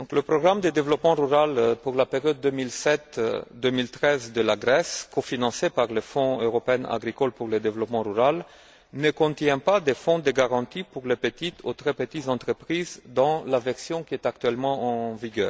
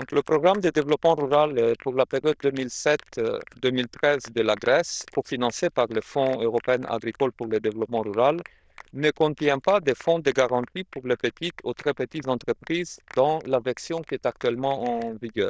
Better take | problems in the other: first | noise reduction (neural diffusion model UNIVERSE++)

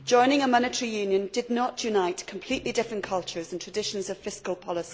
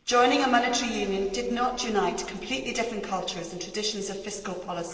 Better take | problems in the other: first | noise reduction (neural separator model SepFormer DNS4)

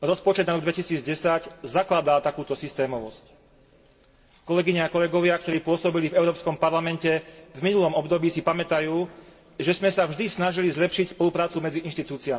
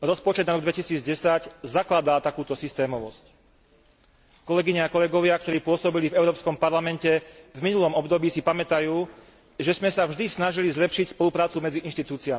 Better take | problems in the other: second | room echo; dies away in 1.4 s

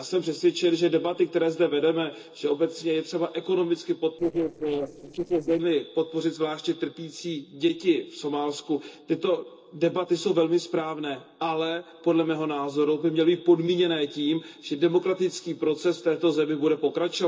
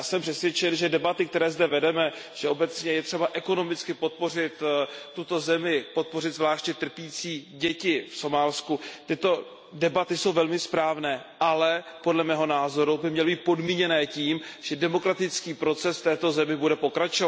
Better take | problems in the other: second | noise reduction (neural separator model SepFormer DNS4)

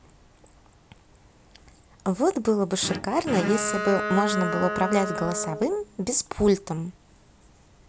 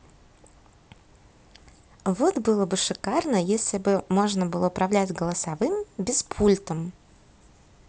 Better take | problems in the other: second | background sound (Bowed string instrument); 4 dB below the speech

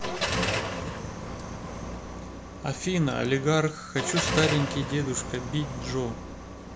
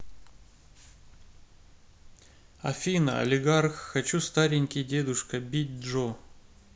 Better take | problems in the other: second | background sound (Car); 3 dB below the speech

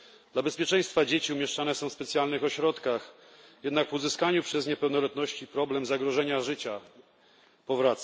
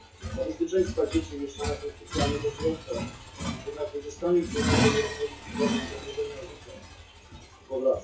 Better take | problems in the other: first | noise reduction (classical method WPE with log-MMSE)

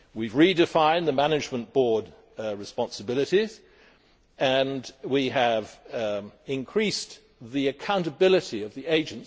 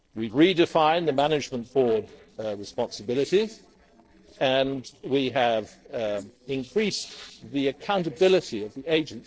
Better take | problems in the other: first | noise reduction (neural separator model SepFormer DNS4)

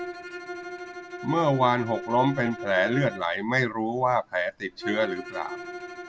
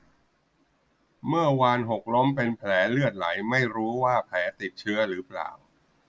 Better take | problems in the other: second | background sound (Bowed string instrument); 11 dB below the speech

